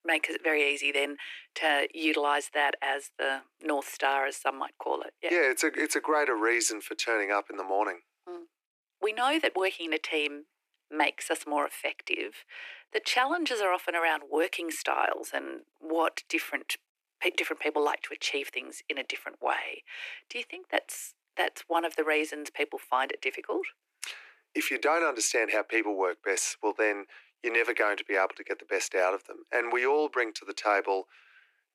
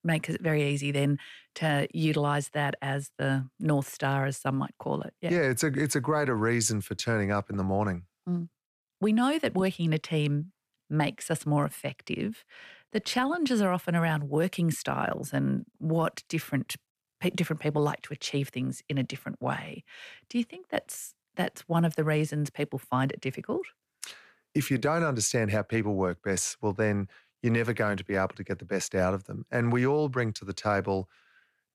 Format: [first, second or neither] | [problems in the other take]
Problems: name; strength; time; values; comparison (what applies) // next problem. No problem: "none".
second | thin; very; fading below 300 Hz